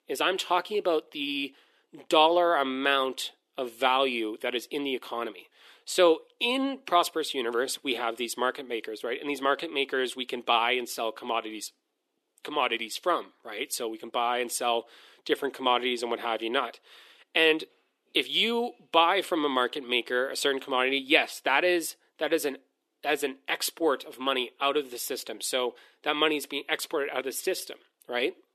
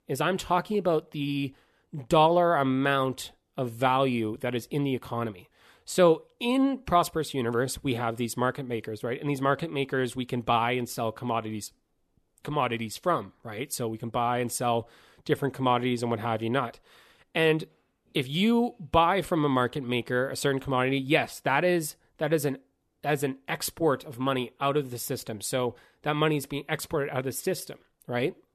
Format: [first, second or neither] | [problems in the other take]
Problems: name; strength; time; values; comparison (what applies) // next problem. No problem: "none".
second | thin; somewhat; fading below 300 Hz